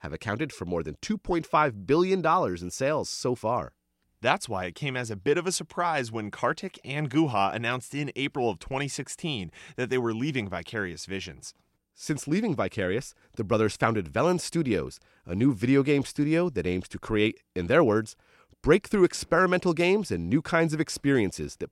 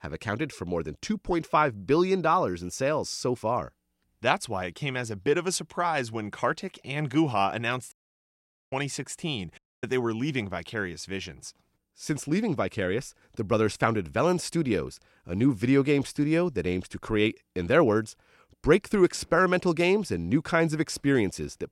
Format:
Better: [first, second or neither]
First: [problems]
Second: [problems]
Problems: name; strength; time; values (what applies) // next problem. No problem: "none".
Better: first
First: none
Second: audio cutting out; at 8 s for 1 s and at 9.5 s